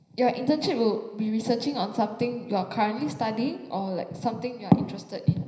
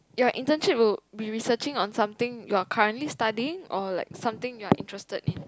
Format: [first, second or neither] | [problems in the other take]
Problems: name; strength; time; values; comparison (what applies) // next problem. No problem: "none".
second | room echo; dies away in 0.9 s